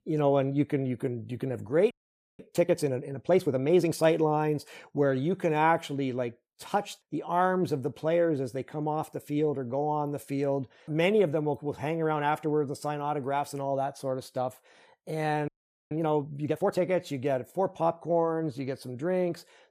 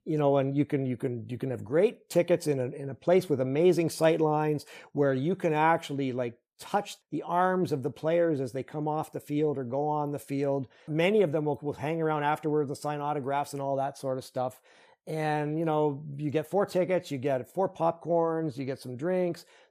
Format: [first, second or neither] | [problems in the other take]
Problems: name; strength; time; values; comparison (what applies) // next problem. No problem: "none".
second | audio freezing; at 2 s and at 15 s